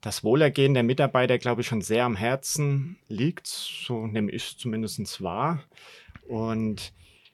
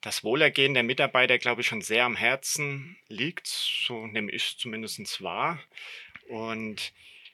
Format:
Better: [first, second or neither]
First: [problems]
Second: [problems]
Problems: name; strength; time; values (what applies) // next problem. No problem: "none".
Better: first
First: none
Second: thin; somewhat; fading below 950 Hz